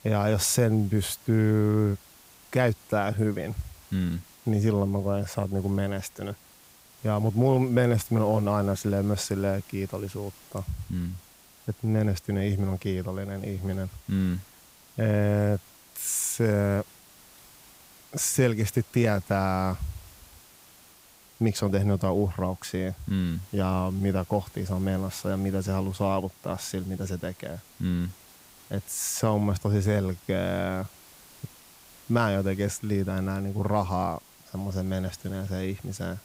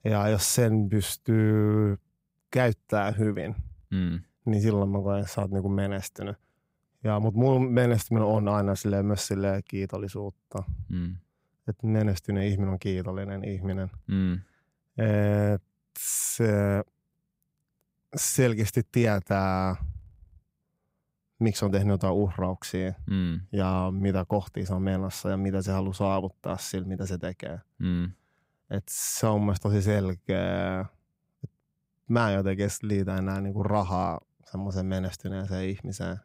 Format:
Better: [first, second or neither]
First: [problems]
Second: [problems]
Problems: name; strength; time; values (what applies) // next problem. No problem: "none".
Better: second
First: hiss; faint; throughout; 25 dB below the speech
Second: none